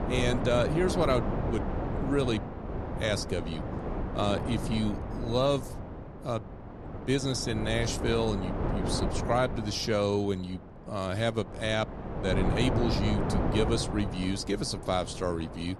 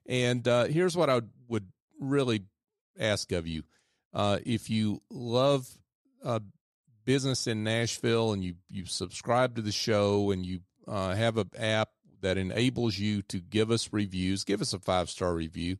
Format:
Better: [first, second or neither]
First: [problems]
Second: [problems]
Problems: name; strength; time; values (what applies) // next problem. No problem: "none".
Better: second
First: wind noise on the microphone; heavy; 6 dB below the speech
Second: none